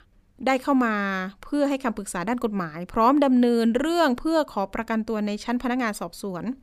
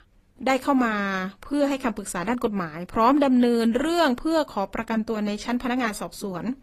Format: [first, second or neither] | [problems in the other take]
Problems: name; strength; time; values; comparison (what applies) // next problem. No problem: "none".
first | garbled, watery; slightly; nothing above 15 kHz